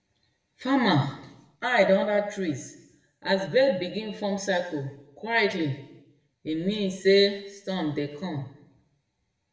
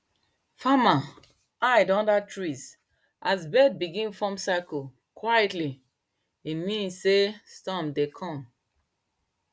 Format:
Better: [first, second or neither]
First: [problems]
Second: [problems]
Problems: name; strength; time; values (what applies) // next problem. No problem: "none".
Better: second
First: room echo; dies away in 0.8 s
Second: none